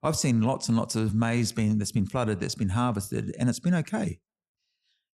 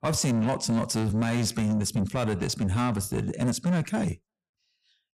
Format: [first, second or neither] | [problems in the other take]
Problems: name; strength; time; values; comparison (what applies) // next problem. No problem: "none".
first | distortion; slight; 10 dB below the speech